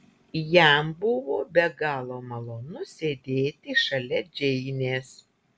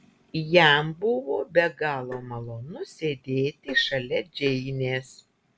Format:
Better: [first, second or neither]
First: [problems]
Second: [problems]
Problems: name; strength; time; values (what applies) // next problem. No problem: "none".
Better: first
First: none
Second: background sound (Tap); 18 dB below the speech